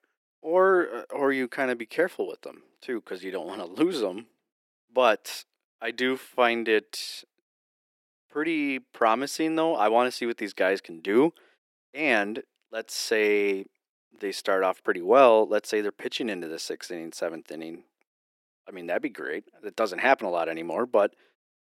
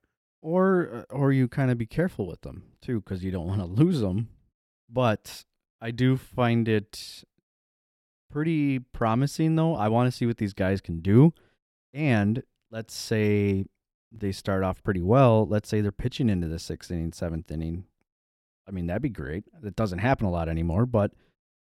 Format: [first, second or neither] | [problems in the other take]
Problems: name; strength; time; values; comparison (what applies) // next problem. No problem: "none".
second | thin; very; fading below 350 Hz